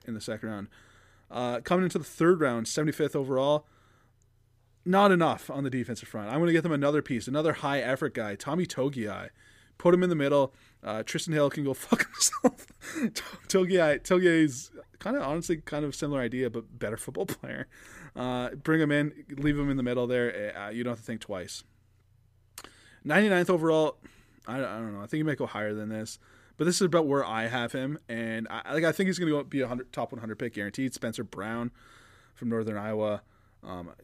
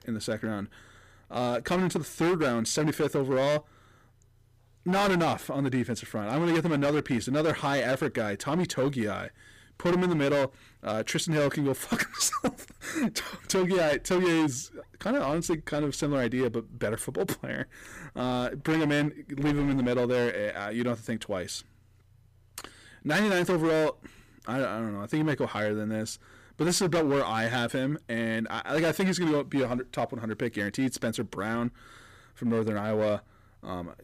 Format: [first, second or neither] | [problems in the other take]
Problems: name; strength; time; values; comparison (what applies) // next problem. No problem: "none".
first | distortion; heavy; 12% of the sound clipped